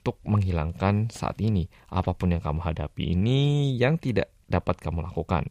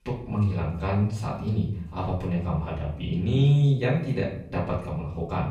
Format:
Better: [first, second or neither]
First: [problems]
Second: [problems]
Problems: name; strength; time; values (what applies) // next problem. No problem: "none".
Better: first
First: none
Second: off-mic speech; far // room echo; slight; dies away in 0.6 s